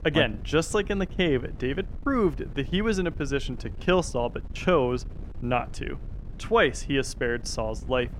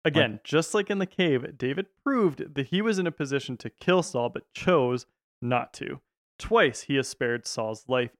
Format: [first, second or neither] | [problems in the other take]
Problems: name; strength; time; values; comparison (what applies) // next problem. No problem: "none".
second | wind noise on the microphone; occasional gusts; 25 dB below the speech